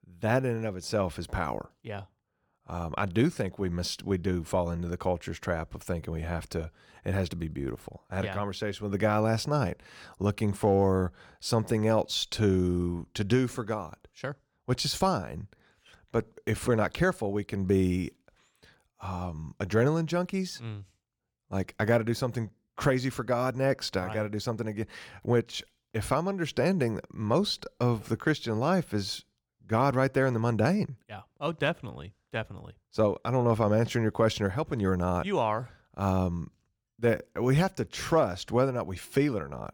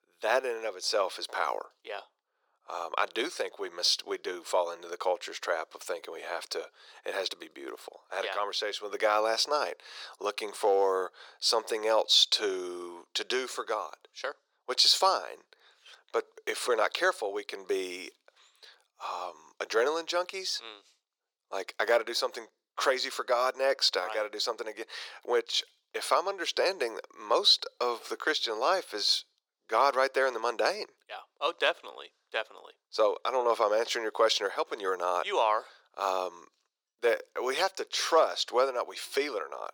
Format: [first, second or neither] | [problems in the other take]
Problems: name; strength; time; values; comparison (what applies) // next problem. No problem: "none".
first | thin; very; fading below 400 Hz